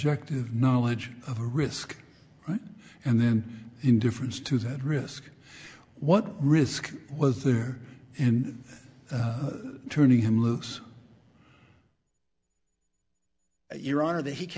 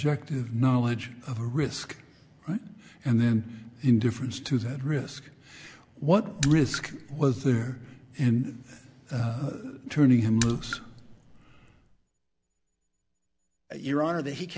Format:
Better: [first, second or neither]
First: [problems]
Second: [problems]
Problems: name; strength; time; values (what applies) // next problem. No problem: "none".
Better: first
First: none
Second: background sound (Raindrop / Splash, splatter); 12 dB below the speech